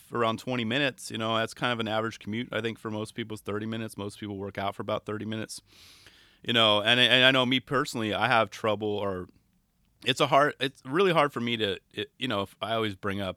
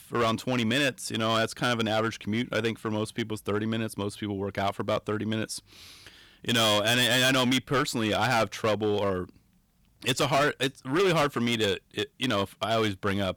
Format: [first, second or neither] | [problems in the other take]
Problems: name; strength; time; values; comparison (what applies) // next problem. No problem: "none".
first | distortion; heavy; 9% of the sound clipped